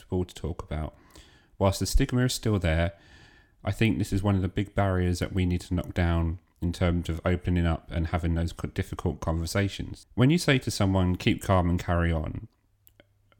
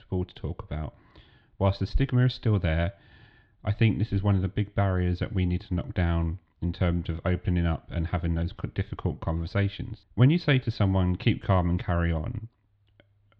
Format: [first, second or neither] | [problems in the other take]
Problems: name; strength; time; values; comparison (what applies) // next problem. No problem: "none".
first | muffled; slightly; fading above 4 kHz